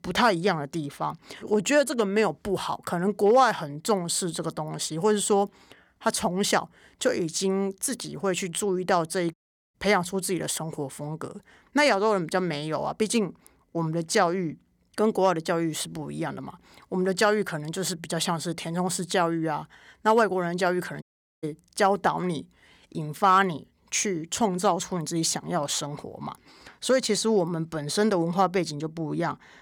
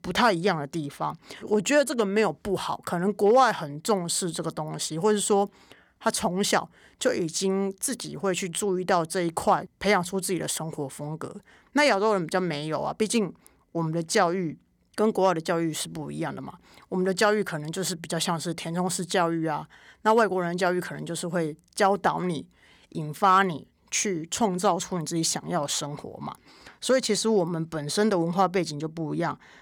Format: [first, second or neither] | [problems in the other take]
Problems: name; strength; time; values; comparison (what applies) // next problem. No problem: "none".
second | audio cutting out; at 9.5 s and at 21 s